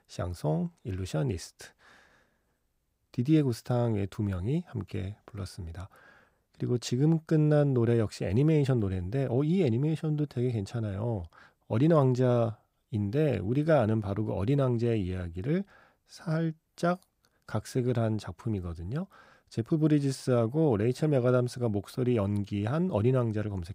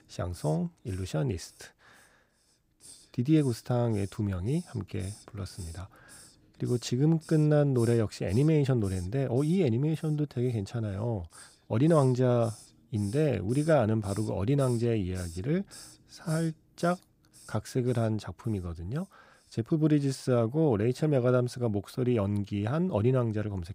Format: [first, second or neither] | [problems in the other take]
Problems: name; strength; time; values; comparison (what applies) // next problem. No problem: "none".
first | hiss; faint; until 20 s; 20 dB below the speech